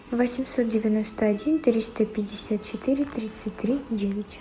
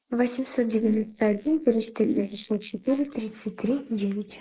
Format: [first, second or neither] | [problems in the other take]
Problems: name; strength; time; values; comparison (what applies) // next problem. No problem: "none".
first | noise reduction (neural mask model Resemble Enhance denoiser)